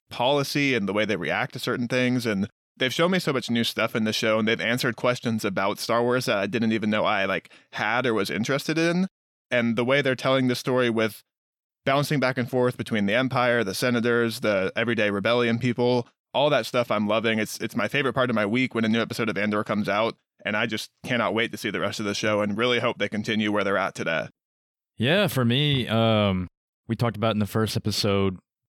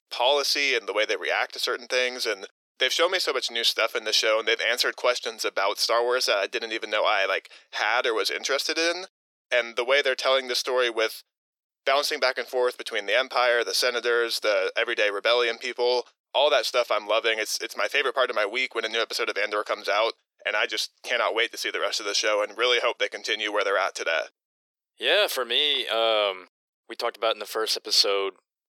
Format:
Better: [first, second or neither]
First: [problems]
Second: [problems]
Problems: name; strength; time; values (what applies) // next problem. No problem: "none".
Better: first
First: none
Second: thin; very; fading below 400 Hz